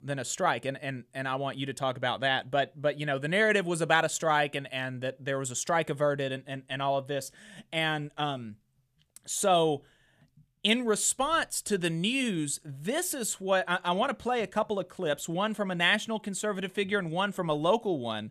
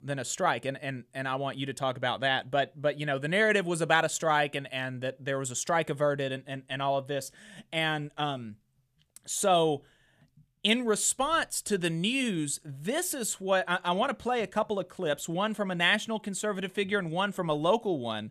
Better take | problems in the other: neither | none

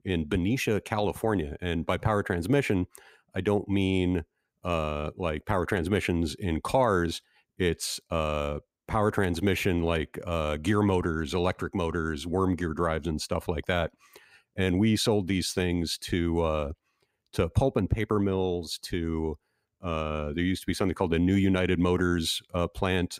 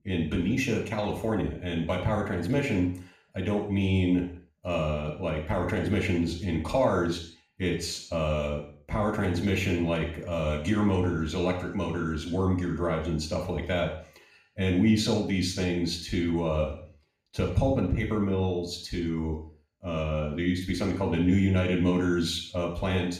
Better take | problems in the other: first | room echo; noticeable; dies away in 0.5 s // off-mic speech; far

